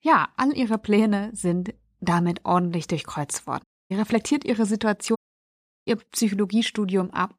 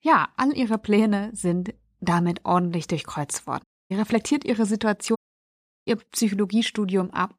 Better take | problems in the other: neither | audio cutting out; at 3.5 s and at 5 s for 0.5 s; the same in both

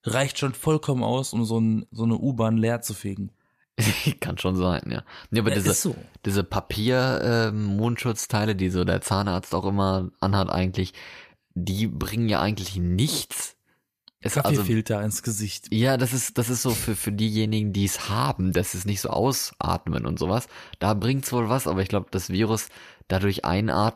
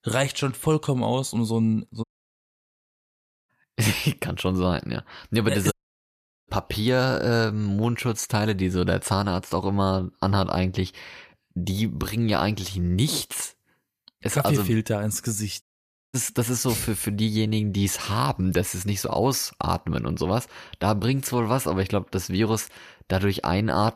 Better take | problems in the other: first | audio cutting out; at 2 s for 1.5 s, at 5.5 s for 1 s and at 16 s for 0.5 s

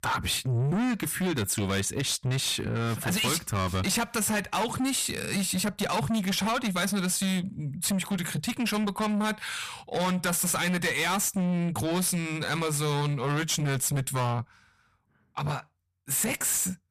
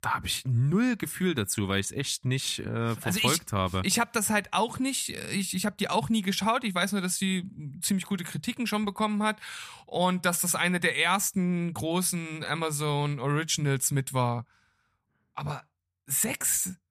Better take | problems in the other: second | distortion; heavy; 7 dB below the speech

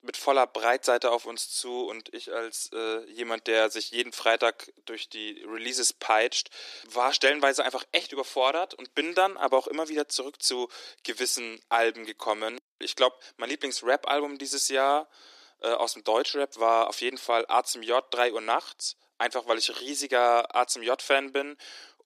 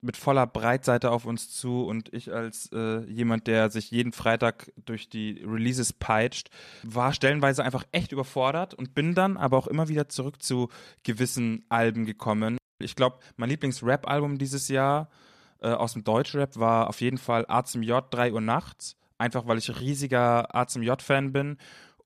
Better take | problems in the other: second | thin; very; fading below 300 Hz

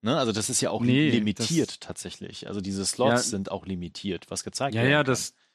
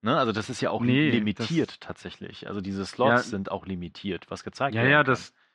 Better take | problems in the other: first | muffled; slightly; fading above 3 kHz

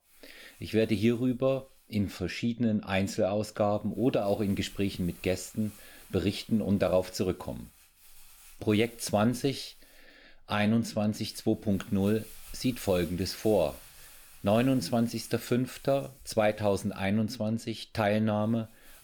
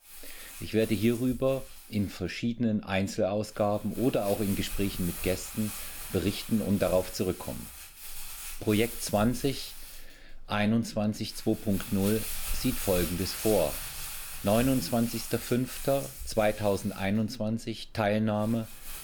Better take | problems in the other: first | household noises; loud; throughout; 9 dB below the speech; faint in the first

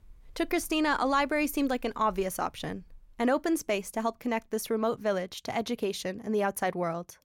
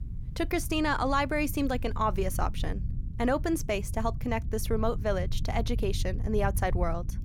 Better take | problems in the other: first | low rumble; noticeable; throughout; 20 dB below the speech

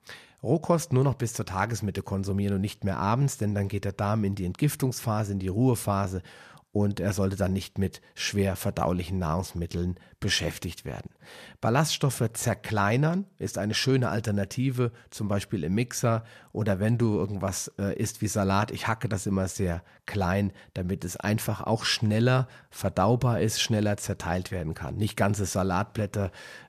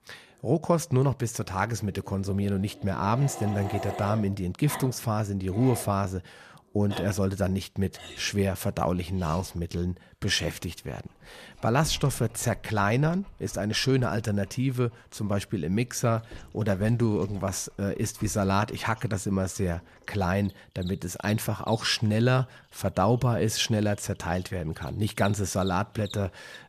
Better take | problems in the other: first | animal sounds; noticeable; throughout; 15 dB below the speech

